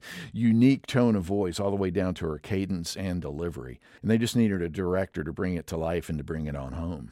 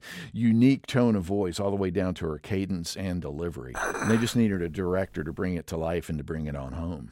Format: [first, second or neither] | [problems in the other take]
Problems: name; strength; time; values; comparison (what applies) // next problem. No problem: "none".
first | clattering dishes; noticeable; from 3.5 to 5 s; peak 2 dB below the speech